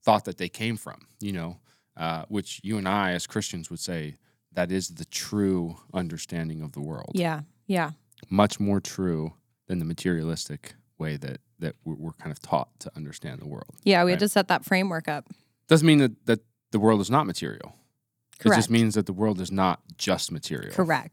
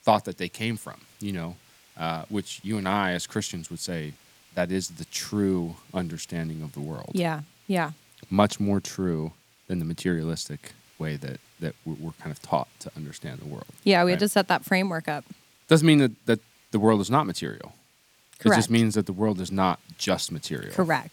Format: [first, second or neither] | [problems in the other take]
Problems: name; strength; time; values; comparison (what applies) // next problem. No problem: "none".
first | hiss; faint; throughout; 30 dB below the speech